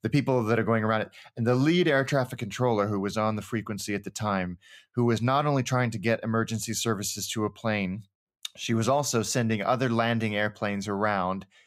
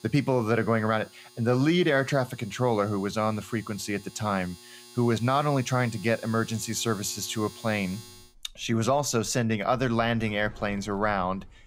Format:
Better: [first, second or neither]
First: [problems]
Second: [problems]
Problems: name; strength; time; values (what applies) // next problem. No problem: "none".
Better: first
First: none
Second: household noises; faint; throughout; 20 dB below the speech